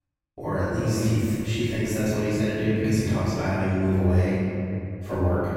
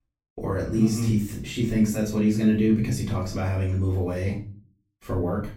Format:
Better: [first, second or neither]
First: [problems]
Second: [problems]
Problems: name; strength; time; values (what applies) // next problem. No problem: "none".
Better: second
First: room echo; strong; dies away in 2.6 s // off-mic speech; far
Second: room echo; slight; dies away in 0.4 s // off-mic speech; far